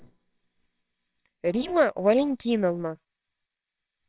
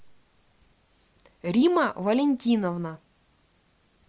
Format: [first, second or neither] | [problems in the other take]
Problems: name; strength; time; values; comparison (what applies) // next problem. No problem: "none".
second | noise reduction (neural separator model SepFormer WHAMR!)